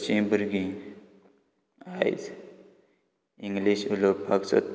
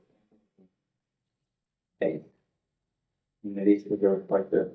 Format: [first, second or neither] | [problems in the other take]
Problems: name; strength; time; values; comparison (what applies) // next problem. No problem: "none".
first | noise reduction (neural mask model DeepFilterNet 3)